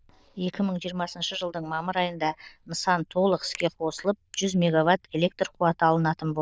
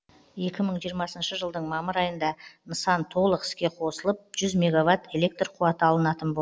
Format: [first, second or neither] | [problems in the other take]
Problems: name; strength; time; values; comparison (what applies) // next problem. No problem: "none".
second | noise reduction (neural diffusion model UNIVERSE++)